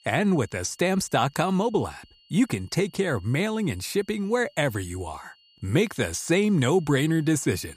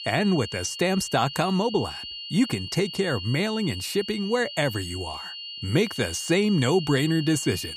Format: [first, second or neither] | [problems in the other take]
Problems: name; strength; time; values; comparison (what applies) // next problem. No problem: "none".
first | high-pitched whine; loud; throughout; 3 kHz, 9 dB below the speech; faint in the first